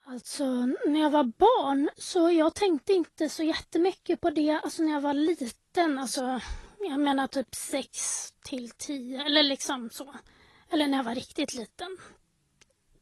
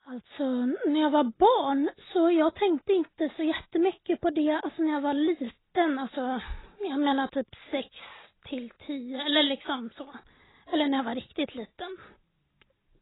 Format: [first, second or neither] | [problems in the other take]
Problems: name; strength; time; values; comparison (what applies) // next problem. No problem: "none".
first | garbled, watery; badly; nothing above 4 kHz; slightly in the first